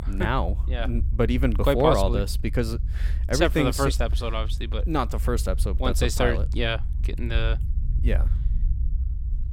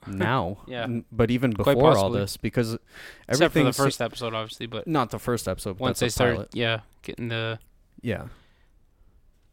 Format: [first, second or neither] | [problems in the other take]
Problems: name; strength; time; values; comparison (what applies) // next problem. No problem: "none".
second | low rumble; faint; throughout; 20 dB below the speech